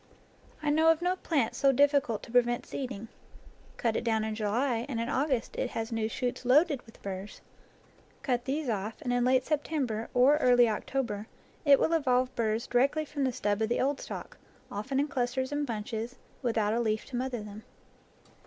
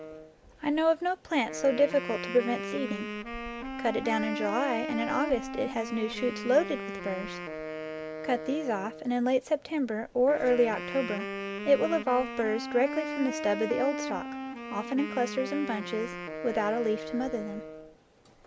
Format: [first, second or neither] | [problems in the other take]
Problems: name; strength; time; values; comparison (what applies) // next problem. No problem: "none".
first | background sound (Wind instrument, woodwind instrument); 8 dB below the speech